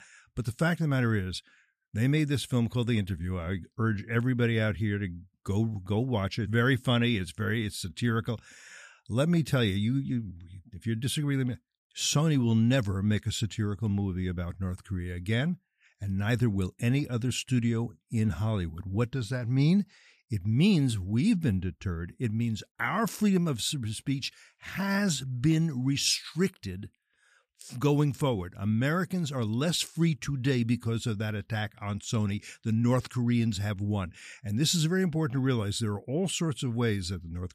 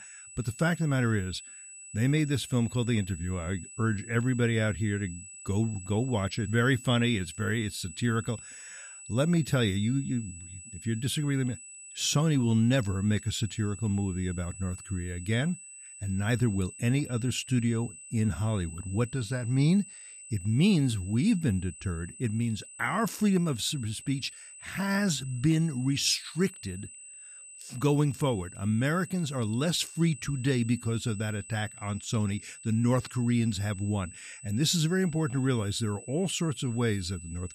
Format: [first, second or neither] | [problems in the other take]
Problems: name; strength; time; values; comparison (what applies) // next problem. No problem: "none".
first | high-pitched whine; noticeable; throughout; 8 kHz, 15 dB below the speech